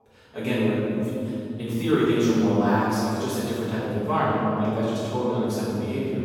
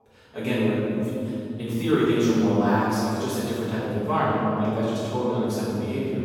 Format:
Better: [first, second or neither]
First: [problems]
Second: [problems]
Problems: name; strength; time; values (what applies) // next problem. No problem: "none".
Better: neither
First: room echo; strong; dies away in 2.7 s // off-mic speech; far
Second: room echo; strong; dies away in 2.7 s // off-mic speech; far